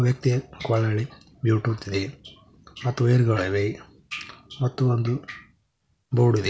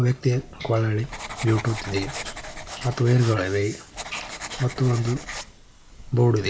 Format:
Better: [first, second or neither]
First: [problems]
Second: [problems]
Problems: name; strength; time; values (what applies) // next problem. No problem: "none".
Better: first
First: none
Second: background sound (Writing); 13 dB below the speech